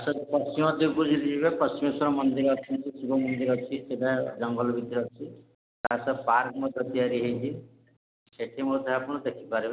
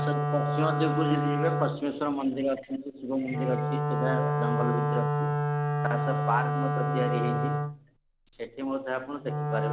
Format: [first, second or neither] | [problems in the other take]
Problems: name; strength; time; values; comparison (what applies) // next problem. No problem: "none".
first | background sound (Wind instrument, woodwind instrument); 2 dB above the speech